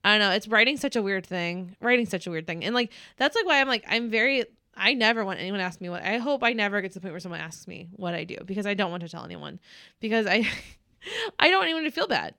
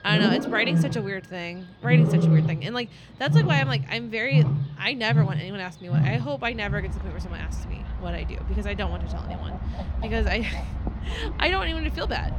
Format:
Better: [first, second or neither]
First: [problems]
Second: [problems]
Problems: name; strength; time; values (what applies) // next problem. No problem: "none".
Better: first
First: none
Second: animal sounds; very loud; throughout; 2 dB above the speech